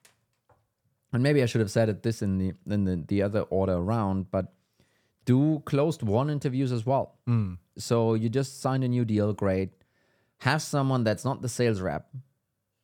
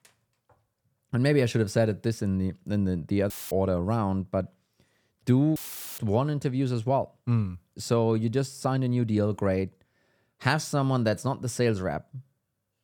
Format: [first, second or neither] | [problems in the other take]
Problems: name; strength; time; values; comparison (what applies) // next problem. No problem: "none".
first | audio cutting out; filled with static; at 3.5 s and at 5.5 s